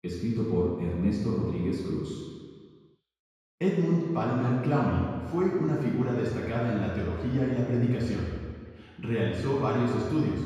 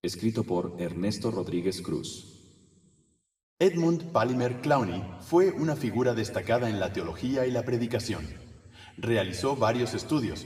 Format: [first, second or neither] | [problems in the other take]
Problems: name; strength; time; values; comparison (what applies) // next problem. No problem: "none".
second | room echo; strong; dies away in 2 s; slight in the second // off-mic speech; far; somewhat distant in the second